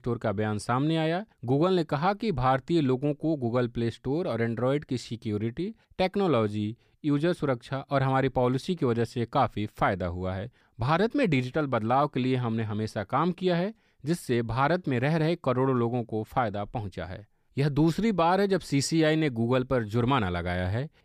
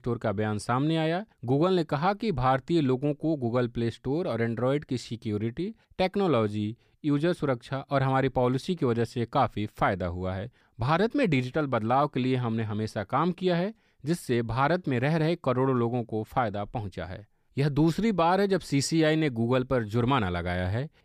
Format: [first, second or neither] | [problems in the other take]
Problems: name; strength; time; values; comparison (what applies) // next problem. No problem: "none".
neither | none